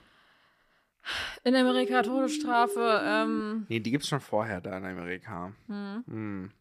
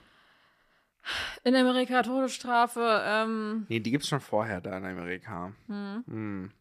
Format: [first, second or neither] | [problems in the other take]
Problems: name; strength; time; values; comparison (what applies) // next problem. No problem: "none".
second | siren; noticeable; from 1.5 to 3.5 s; peak 4 dB below the speech